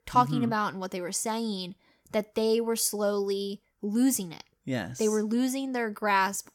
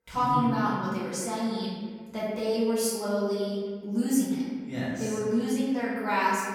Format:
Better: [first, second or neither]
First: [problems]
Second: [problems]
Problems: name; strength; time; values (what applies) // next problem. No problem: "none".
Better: first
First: none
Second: off-mic speech; far // room echo; noticeable; dies away in 1.6 s